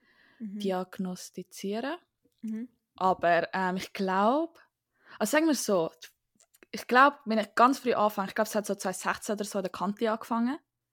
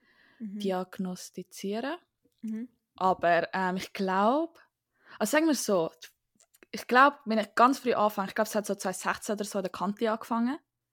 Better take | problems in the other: neither | none

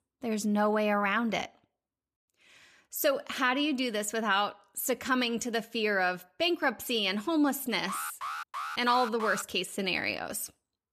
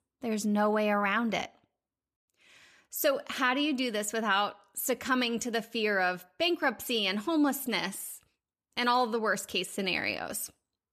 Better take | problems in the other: second | alarm; noticeable; from 8 to 9.5 s; peak 7 dB below the speech

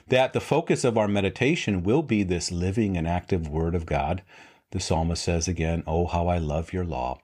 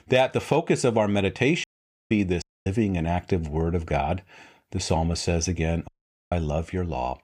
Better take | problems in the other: first | audio cutting out; at 1.5 s, at 2.5 s and at 6 s

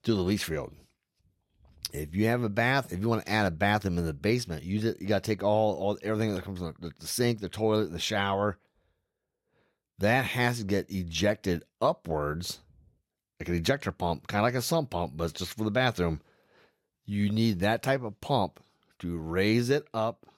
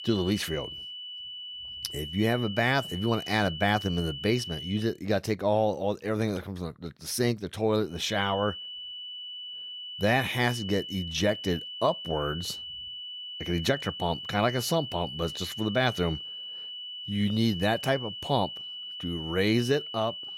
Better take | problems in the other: first | high-pitched whine; loud; until 5 s and from 8 s on; 3 kHz, 8 dB below the speech

